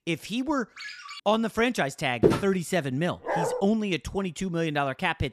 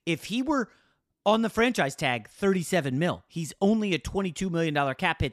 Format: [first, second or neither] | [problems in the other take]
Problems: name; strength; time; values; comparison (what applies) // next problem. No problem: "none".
second | phone ringing; faint; at 1 s; peak 10 dB below the speech // footsteps; loud; at 2 s; peak 4 dB above the speech // dog barking; noticeable; at 3 s; peak 1 dB below the speech